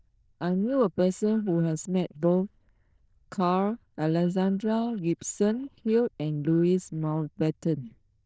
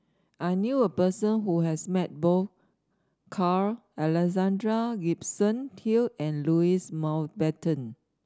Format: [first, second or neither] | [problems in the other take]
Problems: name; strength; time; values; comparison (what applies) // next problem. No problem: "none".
second | noise reduction (neural diffusion model UNIVERSE++)